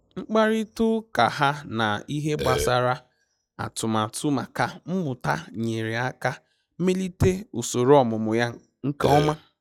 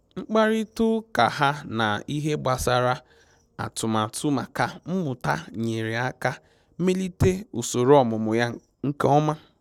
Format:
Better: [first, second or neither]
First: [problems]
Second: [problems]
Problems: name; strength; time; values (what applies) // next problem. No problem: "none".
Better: second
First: noise reduction (classical method log-MMSE)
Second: none